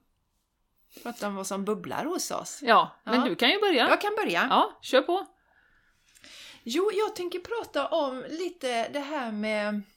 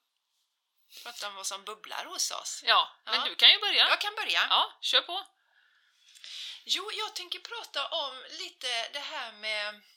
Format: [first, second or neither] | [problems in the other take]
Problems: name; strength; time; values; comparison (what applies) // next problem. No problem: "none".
first | thin; very; fading below 900 Hz